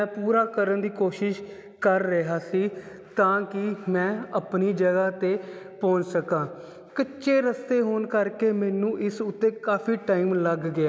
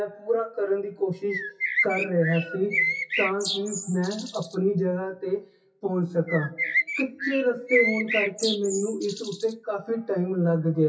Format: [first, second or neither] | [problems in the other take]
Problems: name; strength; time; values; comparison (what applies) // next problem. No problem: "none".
first | noise reduction (classical method WPE with log-MMSE)